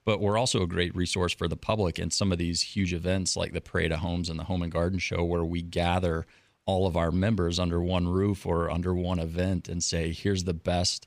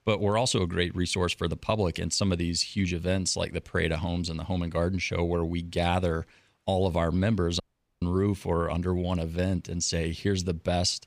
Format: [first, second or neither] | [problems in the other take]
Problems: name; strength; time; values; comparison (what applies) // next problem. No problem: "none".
first | audio cutting out; at 7.5 s